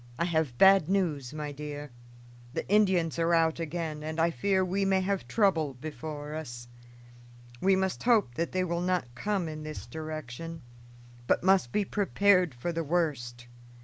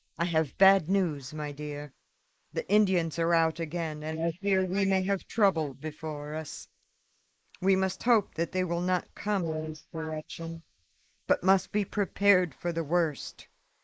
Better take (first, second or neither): first